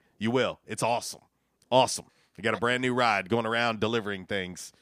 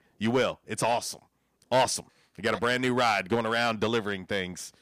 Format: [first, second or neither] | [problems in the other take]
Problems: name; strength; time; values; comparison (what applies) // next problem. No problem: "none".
first | distortion; slight; 2% of the sound clipped